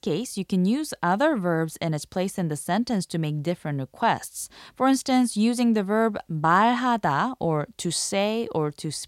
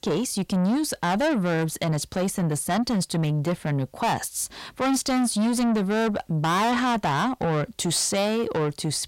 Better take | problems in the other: first | distortion; heavy; 6 dB below the speech

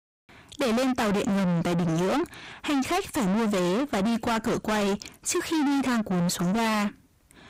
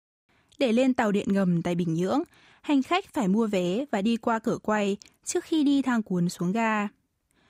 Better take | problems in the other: second | distortion; heavy; 6 dB below the speech

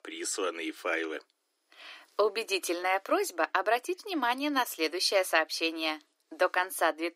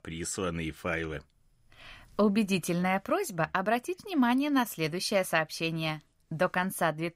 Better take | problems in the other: second | thin; somewhat; fading below 300 Hz

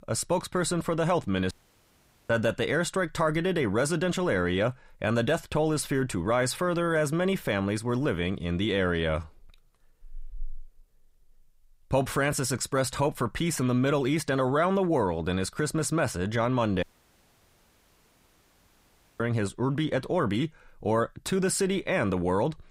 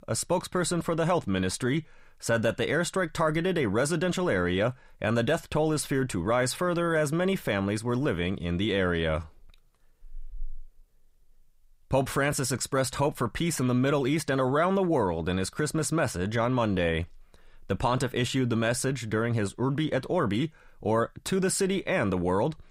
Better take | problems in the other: second | audio cutting out; at 1.5 s for 1 s and at 17 s for 2.5 s

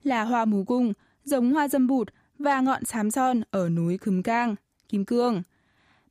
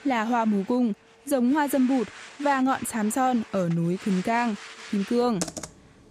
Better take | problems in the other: first | household noises; noticeable; throughout; 15 dB below the speech

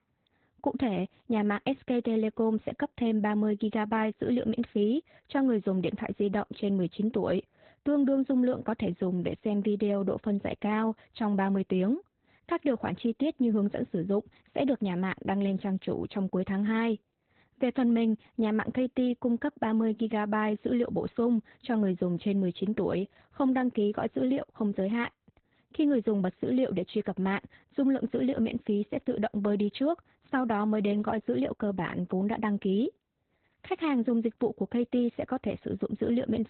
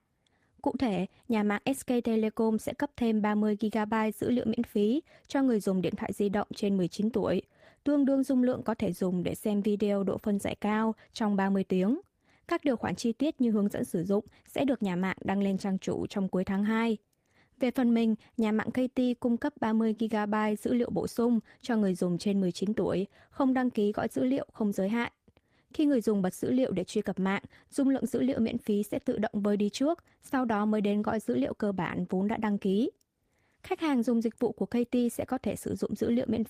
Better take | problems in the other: second | garbled, watery; badly; nothing above 4 kHz; slightly in the second

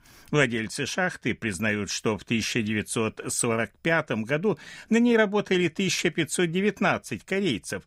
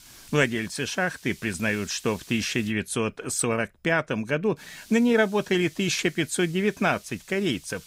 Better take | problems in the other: first | hiss; faint; until 2.5 s and from 4.5 s on; 20 dB below the speech

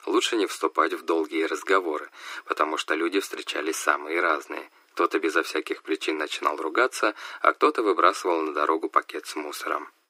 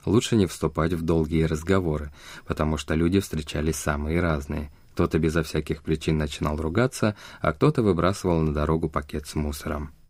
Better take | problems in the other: second | thin; very; fading below 300 Hz

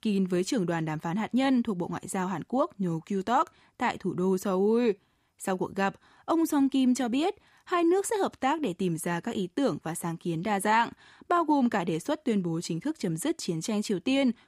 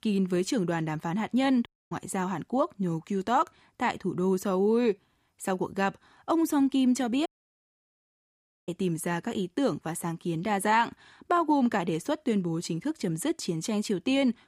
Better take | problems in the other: first | audio cutting out; at 1.5 s and at 7.5 s for 1.5 s

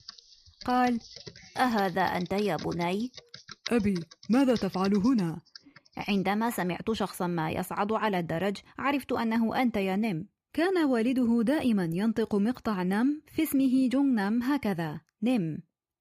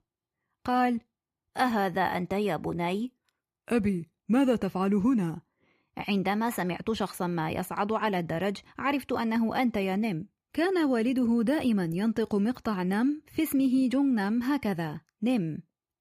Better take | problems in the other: second | keyboard typing; faint; until 6 s; peak 10 dB below the speech

